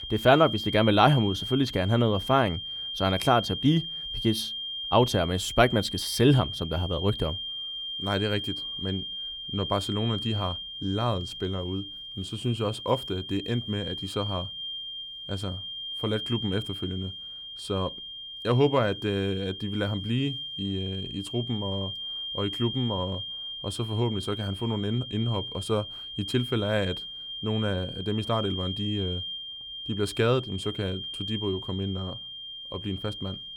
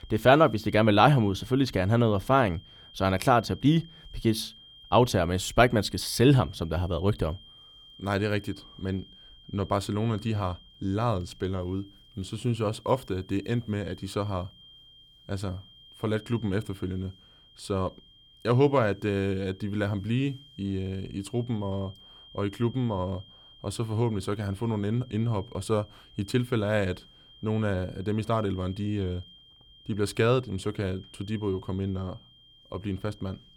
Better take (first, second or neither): second